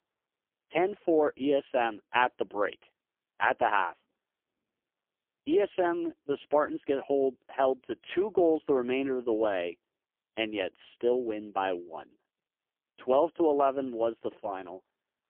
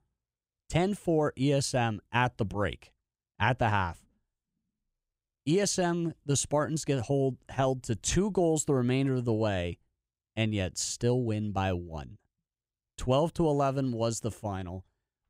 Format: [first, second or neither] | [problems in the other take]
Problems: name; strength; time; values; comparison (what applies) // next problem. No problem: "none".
second | phone-call audio; poor line; nothing above 3 kHz